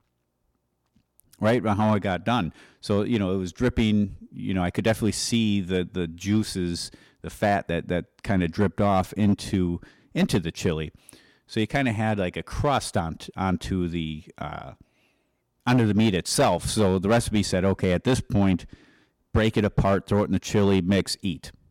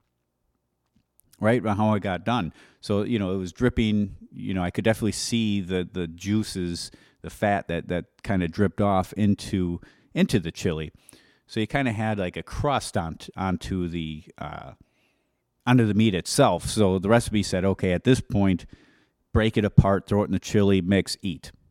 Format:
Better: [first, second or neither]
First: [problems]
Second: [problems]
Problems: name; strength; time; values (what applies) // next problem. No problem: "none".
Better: second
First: distortion; slight; 4% of the sound clipped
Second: none